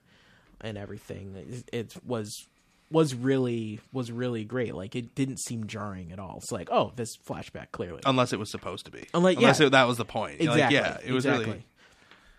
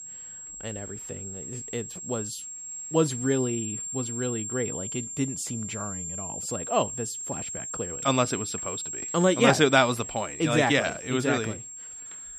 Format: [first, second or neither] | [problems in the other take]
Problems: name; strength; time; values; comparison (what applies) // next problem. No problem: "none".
first | high-pitched whine; loud; throughout; 7.5 kHz, 7 dB below the speech